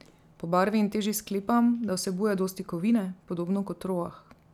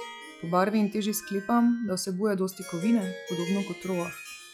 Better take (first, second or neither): first